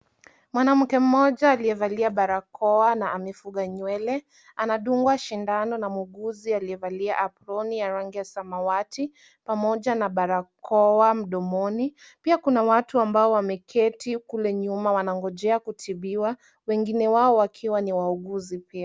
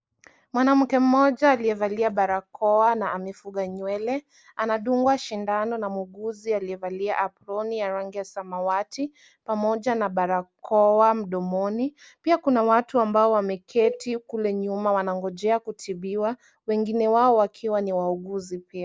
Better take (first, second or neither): first